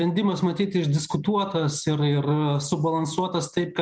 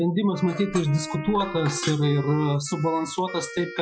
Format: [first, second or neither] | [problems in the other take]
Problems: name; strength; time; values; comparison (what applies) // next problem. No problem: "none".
first | noise reduction (classical method Wiener filter)